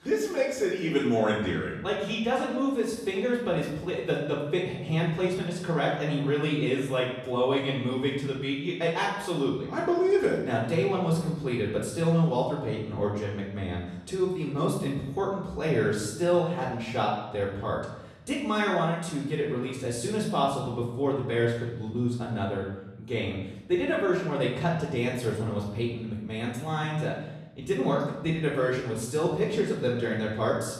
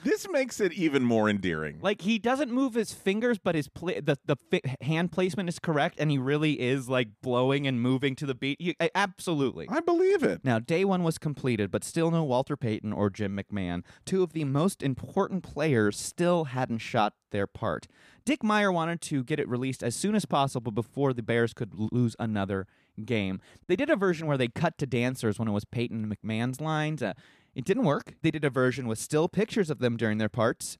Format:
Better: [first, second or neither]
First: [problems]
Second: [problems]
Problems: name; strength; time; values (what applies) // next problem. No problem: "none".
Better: second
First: off-mic speech; far // room echo; noticeable; dies away in 0.9 s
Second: none